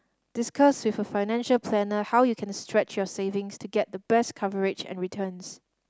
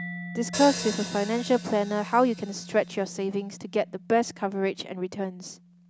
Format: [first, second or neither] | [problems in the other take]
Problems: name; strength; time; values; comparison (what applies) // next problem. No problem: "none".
first | background sound (Mallet percussion + Hi-hat); 12 dB below the speech